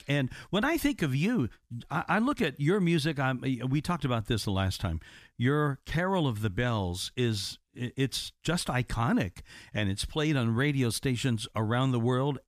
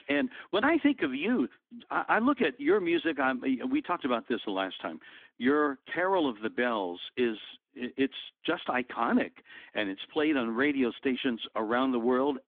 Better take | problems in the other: first | phone-call audio; nothing above 3.5 kHz

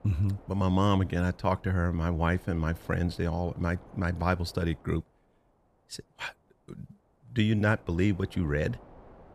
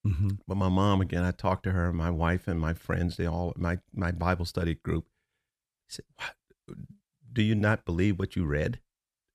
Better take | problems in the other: second | wind noise on the microphone; occasional gusts; 20 dB below the speech

